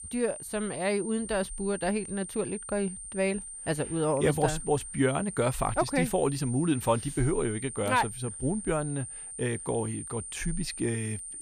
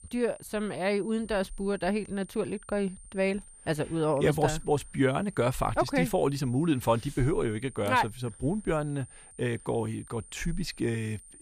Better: second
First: high-pitched whine; loud; throughout; 9 kHz, 9 dB below the speech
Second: high-pitched whine; faint; throughout; 9 kHz, 20 dB below the speech

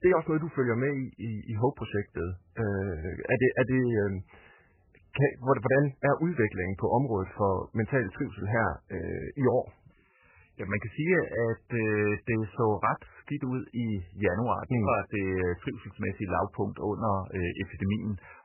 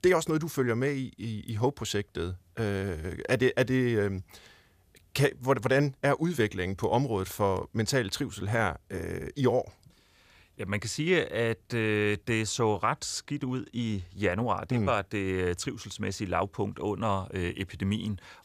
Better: second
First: garbled, watery; badly; nothing above 2.5 kHz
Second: none

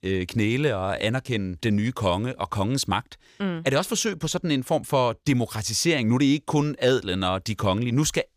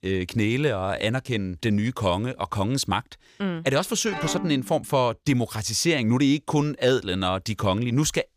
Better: first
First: none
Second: phone ringing; noticeable; at 4 s; peak 6 dB below the speech

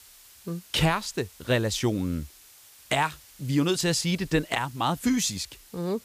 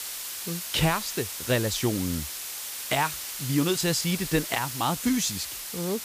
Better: first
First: hiss; faint; throughout; 25 dB below the speech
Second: hiss; loud; throughout; 5 dB below the speech

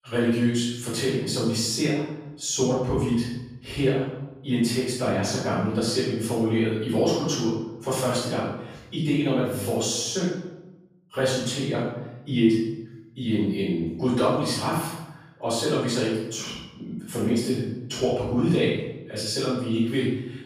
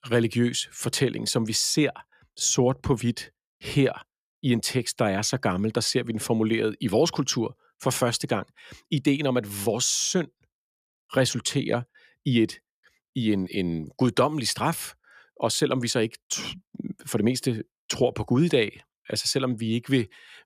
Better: second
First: off-mic speech; far // room echo; strong; dies away in 0.8 s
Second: none

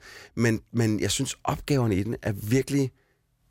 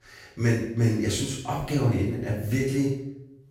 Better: first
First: none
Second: room echo; noticeable; dies away in 0.7 s // off-mic speech; far

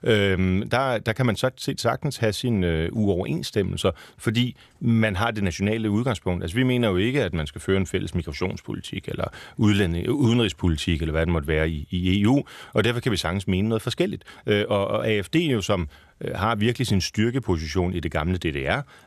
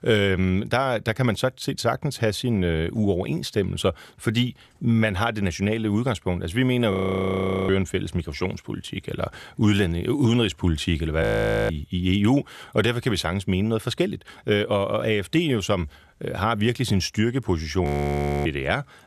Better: first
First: none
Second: audio freezing; at 7 s for 1 s, at 11 s and at 18 s for 0.5 s

